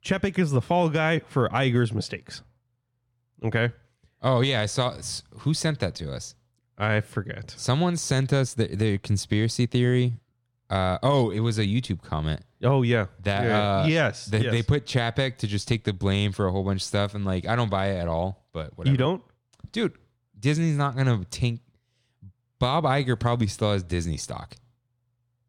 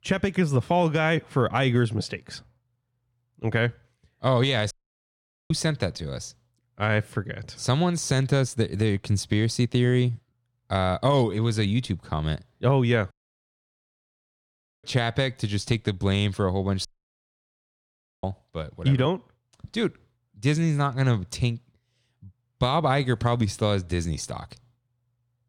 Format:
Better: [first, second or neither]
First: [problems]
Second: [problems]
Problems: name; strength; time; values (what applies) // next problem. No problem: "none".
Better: first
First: none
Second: audio cutting out; at 4.5 s for 1 s, at 13 s for 1.5 s and at 17 s for 1.5 s